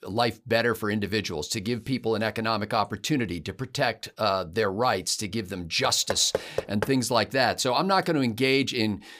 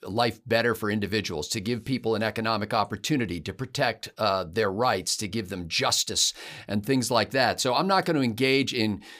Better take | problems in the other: second | door banging; noticeable; from 6 to 7 s; peak 6 dB below the speech

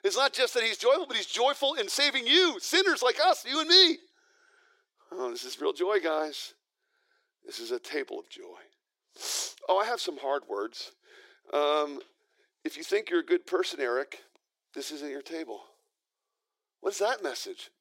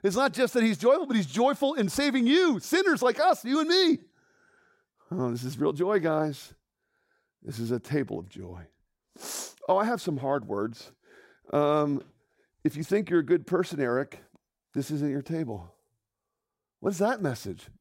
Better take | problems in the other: second | thin; very; fading below 350 Hz

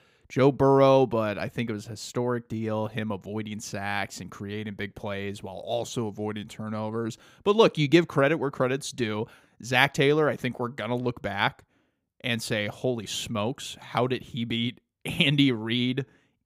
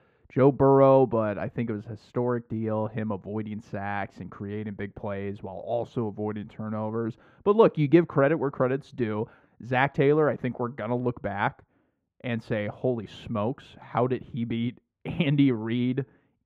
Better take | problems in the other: first | muffled; very; fading above 3.5 kHz

